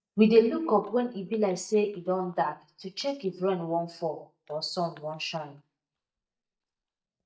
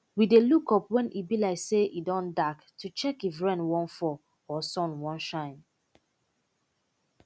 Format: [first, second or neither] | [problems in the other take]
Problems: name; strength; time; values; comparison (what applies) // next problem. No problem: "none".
second | noise reduction (neural mask model DeepFilterNet 3)